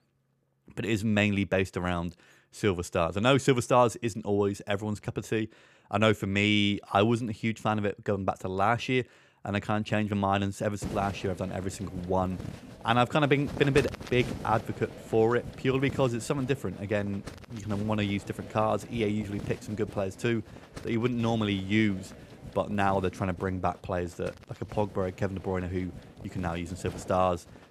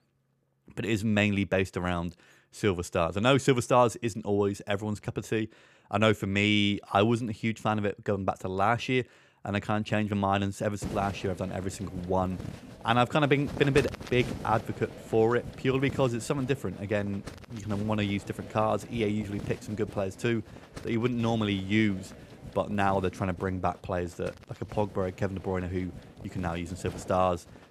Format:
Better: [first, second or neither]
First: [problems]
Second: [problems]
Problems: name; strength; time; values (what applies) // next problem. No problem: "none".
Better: neither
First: wind noise on the microphone; occasional gusts; from 11 s on; 15 dB below the speech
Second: wind noise on the microphone; occasional gusts; from 11 s on; 15 dB below the speech